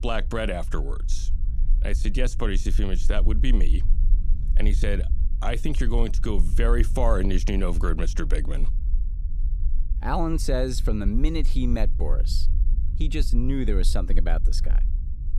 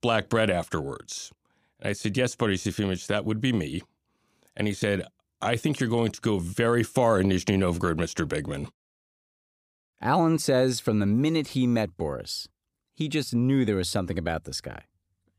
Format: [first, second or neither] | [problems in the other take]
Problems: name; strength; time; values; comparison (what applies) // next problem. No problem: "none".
second | low rumble; noticeable; throughout; 15 dB below the speech